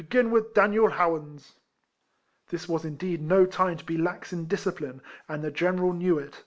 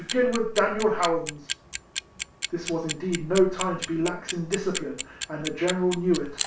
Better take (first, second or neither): first